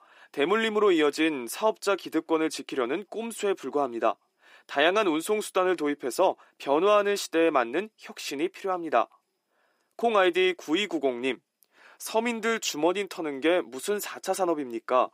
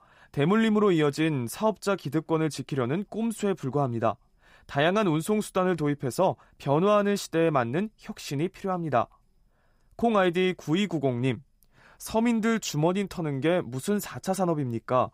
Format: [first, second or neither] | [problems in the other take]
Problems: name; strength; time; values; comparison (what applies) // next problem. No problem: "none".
second | thin; somewhat; fading below 300 Hz